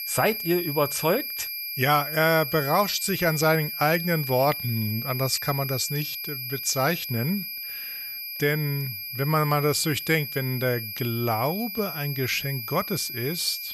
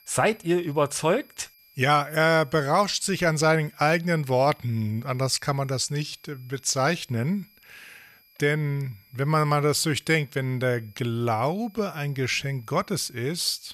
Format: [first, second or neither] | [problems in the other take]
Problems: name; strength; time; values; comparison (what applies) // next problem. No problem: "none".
second | high-pitched whine; loud; throughout; 2.5 kHz, 5 dB below the speech; faint in the second